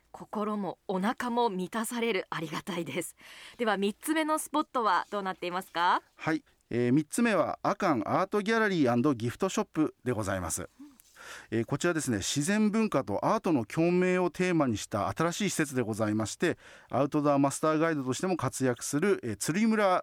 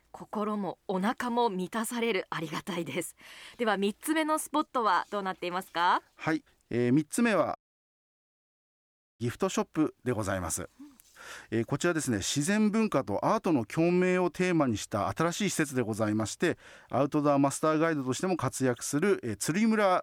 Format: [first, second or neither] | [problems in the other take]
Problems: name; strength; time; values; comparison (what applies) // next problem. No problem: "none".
first | audio cutting out; at 7.5 s for 1.5 s